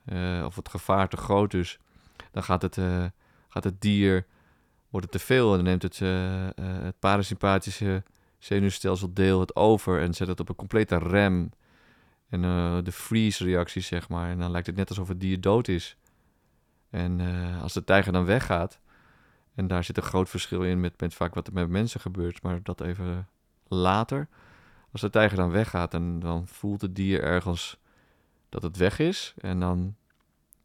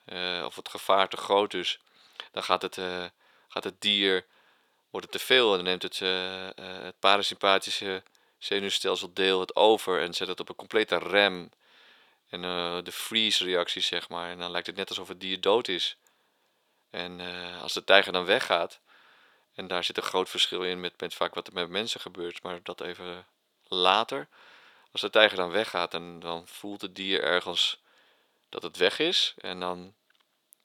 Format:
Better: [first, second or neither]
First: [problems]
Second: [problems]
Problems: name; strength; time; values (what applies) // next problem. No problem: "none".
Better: first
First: none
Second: thin; very; fading below 500 Hz